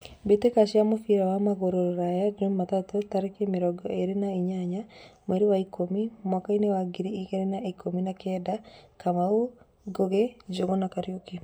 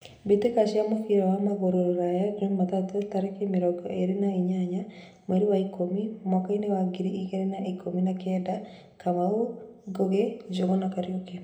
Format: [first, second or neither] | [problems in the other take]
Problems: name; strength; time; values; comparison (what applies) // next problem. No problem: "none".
first | room echo; dies away in 0.7 s